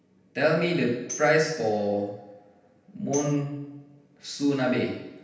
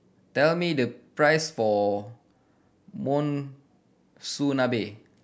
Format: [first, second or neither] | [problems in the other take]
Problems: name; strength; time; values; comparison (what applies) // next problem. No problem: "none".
second | background sound (Tambourine); 16 dB below the speech // room echo; dies away in 0.9 s